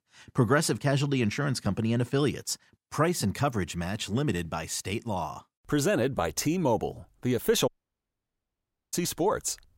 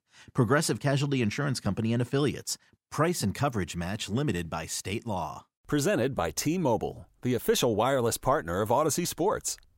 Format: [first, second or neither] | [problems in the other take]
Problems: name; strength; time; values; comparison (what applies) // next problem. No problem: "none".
second | audio cutting out; at 7.5 s for 1.5 s